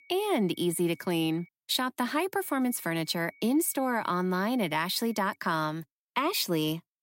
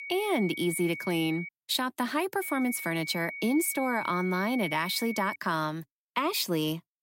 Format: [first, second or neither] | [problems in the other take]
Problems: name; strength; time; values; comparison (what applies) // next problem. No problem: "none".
first | high-pitched whine; loud; until 1.5 s and from 2.5 to 5.5 s; 2 kHz, 8 dB below the speech; faint in the first